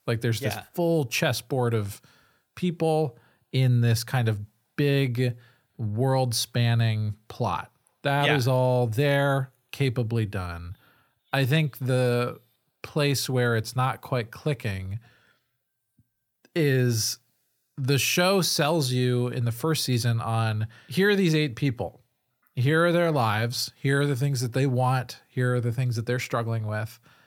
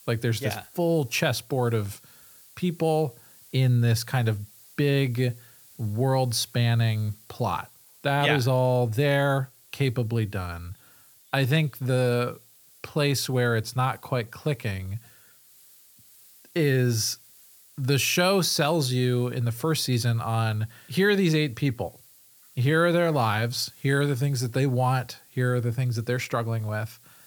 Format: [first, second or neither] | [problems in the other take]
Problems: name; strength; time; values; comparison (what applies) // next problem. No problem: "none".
first | hiss; faint; throughout; 25 dB below the speech